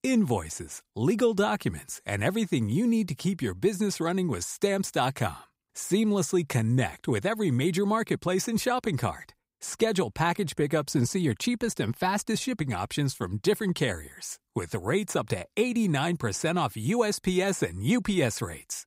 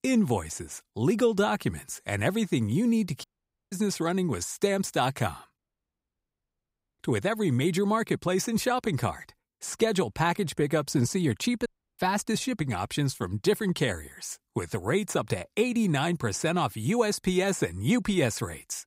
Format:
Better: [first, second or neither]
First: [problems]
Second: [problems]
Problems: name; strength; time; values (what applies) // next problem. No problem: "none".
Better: first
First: none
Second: audio cutting out; at 3 s, at 5.5 s for 1.5 s and at 12 s